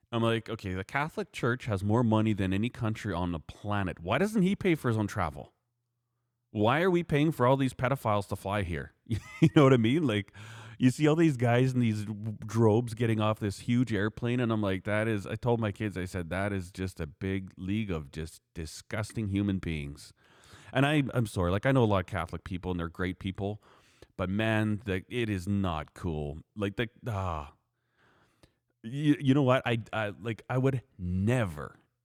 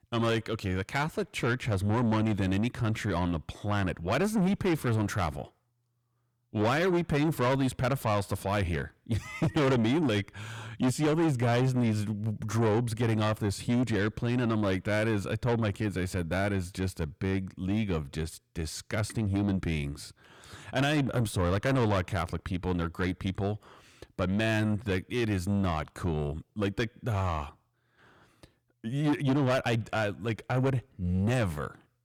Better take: first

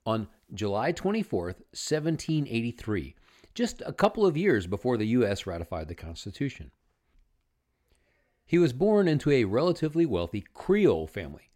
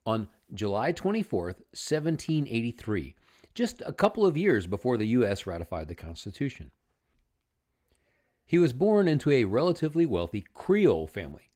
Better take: first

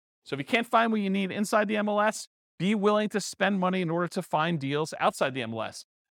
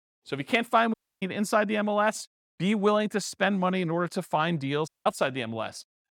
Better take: first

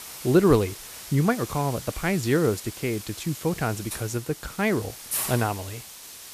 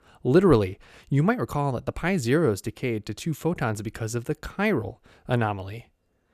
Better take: second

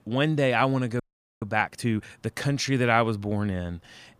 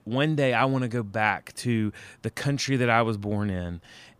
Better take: second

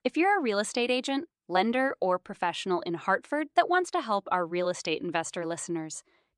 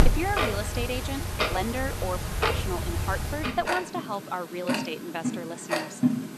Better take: first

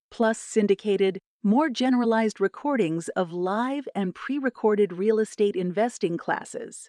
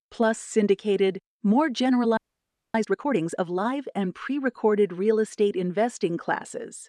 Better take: first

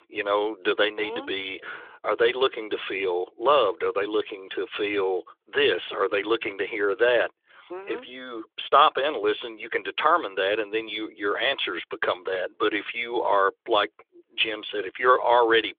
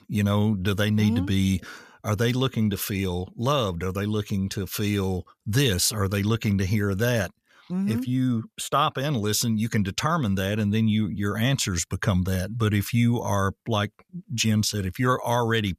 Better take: second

